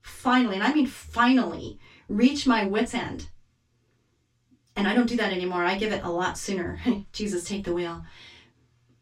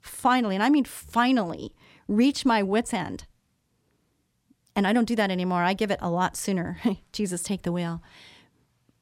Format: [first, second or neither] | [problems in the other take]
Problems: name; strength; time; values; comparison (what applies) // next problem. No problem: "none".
second | room echo; very slight; dies away in 0.1 s // off-mic speech; far